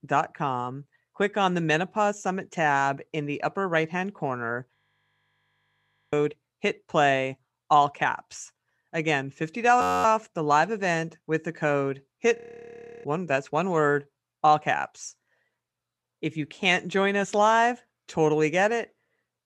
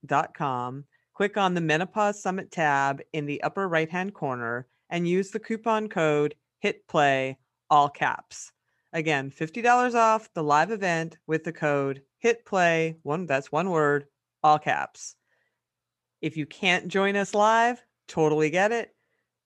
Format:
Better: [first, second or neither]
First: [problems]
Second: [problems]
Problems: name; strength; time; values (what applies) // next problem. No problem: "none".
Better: second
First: audio freezing; at 5 s for 1.5 s, at 10 s and at 12 s for 0.5 s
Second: none